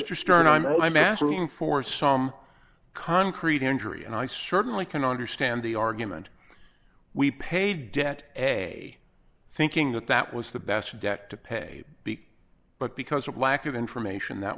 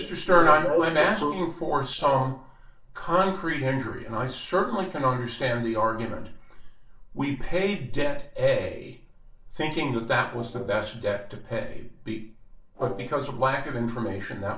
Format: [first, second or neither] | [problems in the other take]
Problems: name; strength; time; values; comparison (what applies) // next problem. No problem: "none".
first | noise reduction (neural separator model SepFormer DNS4)